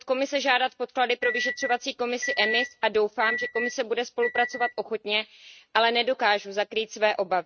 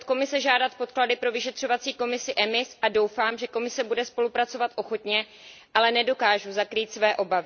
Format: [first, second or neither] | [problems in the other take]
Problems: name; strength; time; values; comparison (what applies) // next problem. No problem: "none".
second | noise reduction (neural mask model RNNoise)